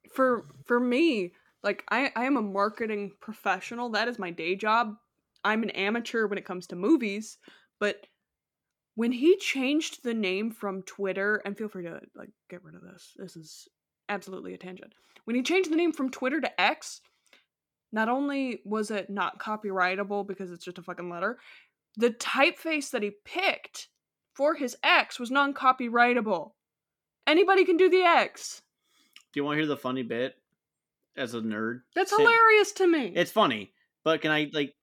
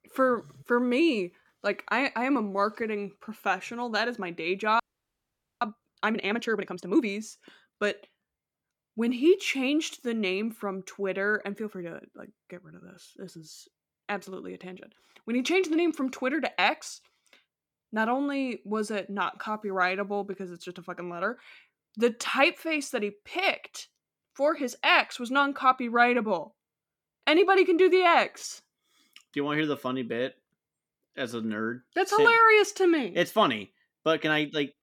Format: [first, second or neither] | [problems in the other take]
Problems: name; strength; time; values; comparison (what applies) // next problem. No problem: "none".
first | audio freezing; at 5 s for 1 s